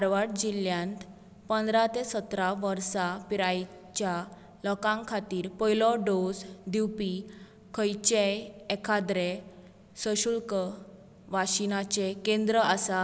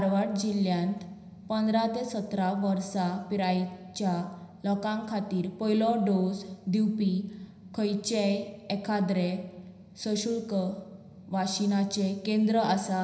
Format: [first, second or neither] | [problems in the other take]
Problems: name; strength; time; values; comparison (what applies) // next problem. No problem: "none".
first | room echo; dies away in 0.9 s